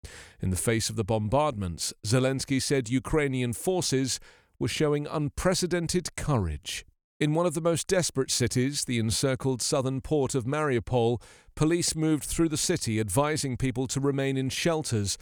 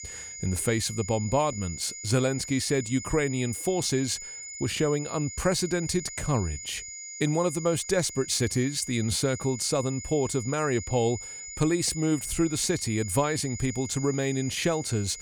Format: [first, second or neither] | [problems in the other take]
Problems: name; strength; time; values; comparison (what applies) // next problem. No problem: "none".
first | high-pitched whine; loud; throughout; 7 kHz, 10 dB below the speech